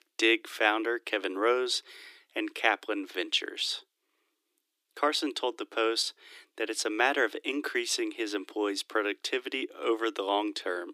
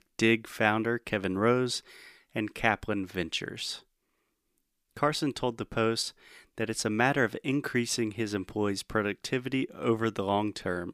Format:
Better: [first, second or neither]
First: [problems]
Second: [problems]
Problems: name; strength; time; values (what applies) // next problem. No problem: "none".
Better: second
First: thin; somewhat; fading below 300 Hz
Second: none